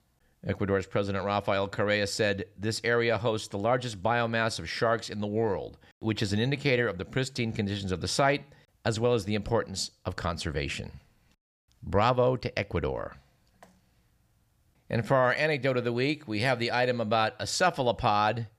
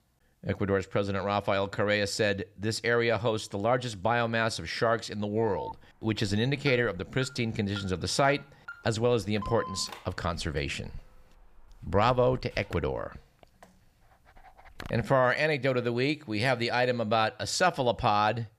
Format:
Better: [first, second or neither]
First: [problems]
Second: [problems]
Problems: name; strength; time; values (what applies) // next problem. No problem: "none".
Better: first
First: none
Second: alarm; faint; from 5.5 to 15 s; peak 10 dB below the speech